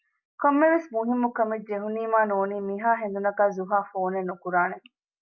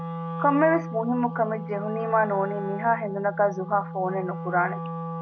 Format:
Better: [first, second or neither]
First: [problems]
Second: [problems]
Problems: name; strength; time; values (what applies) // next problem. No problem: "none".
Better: first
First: none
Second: background sound (Wind instrument, woodwind instrument); 8 dB below the speech